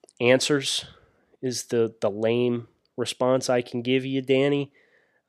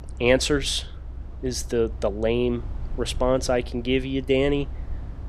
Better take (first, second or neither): first